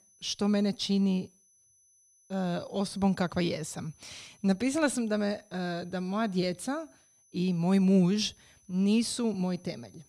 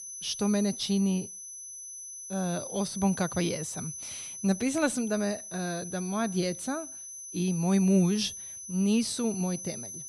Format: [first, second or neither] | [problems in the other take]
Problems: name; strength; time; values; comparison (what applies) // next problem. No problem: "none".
first | high-pitched whine; loud; throughout; 6 kHz, 9 dB below the speech; faint in the first